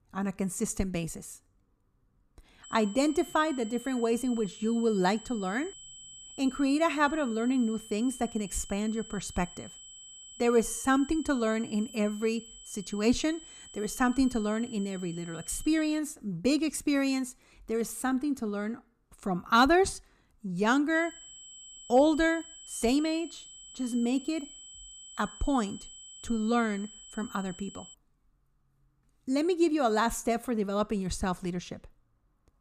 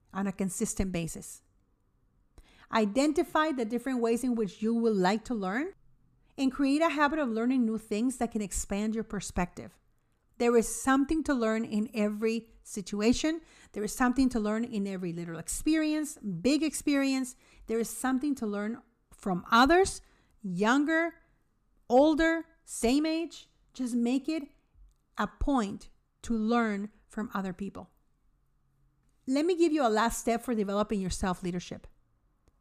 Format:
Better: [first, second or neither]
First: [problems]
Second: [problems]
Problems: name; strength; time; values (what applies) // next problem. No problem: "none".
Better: second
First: high-pitched whine; noticeable; from 2.5 to 16 s and from 21 to 28 s; 3 kHz, 15 dB below the speech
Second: none